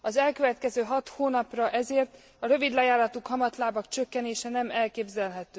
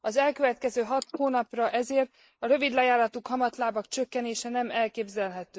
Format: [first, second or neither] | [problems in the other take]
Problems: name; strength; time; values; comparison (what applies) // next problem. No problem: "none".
first | noise reduction (neural mask model Resemble Enhance denoiser)